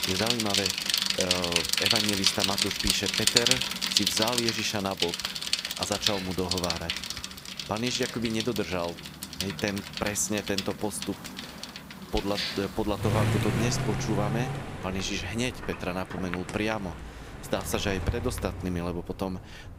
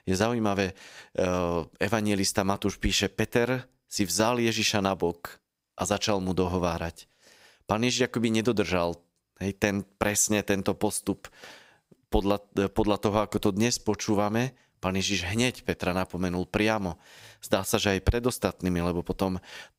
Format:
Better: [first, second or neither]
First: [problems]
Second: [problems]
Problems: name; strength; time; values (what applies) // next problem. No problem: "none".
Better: second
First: traffic noise; very loud; throughout; 3 dB above the speech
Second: none